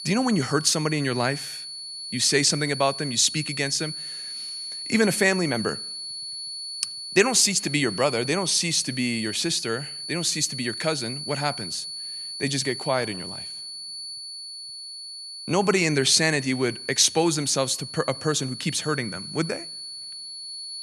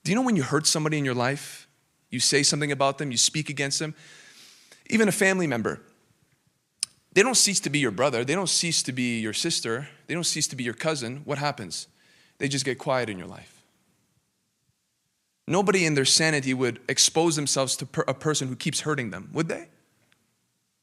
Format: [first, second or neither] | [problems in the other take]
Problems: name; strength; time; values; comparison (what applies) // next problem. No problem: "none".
second | high-pitched whine; loud; throughout; 4.5 kHz, 9 dB below the speech